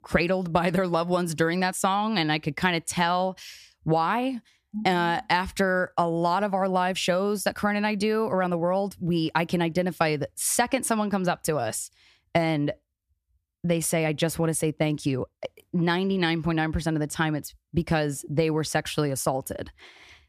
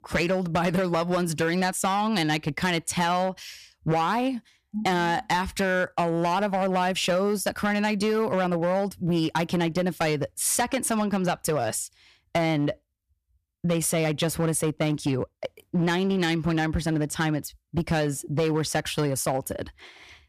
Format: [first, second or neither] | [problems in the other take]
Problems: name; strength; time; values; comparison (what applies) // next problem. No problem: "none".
first | distortion; slight; 9% of the sound clipped